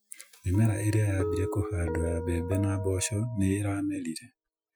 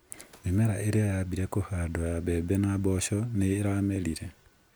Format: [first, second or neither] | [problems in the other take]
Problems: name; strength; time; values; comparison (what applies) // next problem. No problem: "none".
second | noise reduction (classical method Wiener filter)